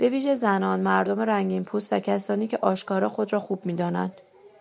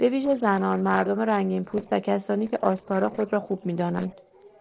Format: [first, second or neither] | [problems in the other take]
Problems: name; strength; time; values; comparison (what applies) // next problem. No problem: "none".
first | noise reduction (neural separator model SepFormer DNS4)